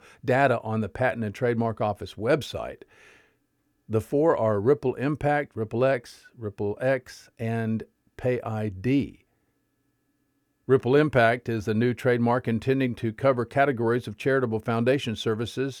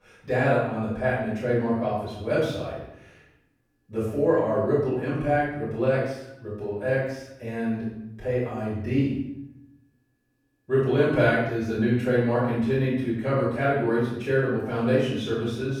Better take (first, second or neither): first